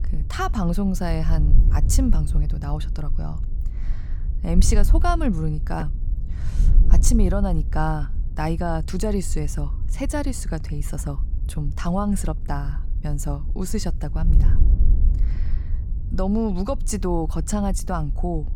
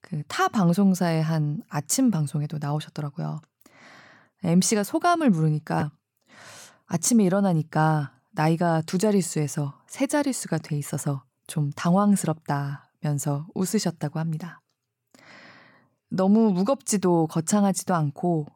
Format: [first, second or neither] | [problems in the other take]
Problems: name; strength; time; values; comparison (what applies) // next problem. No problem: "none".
second | wind noise on the microphone; occasional gusts; 15 dB below the speech